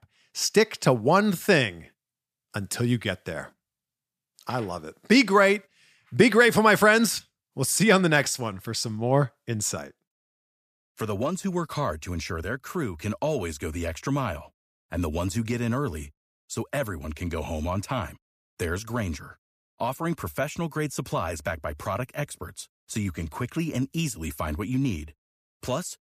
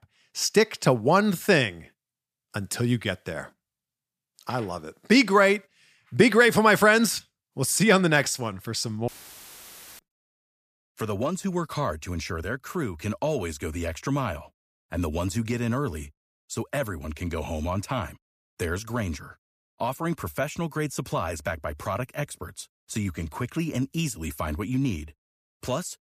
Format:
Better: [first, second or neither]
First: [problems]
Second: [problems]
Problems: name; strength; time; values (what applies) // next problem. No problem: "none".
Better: first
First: none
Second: audio cutting out; filled with static; at 9 s for 1 s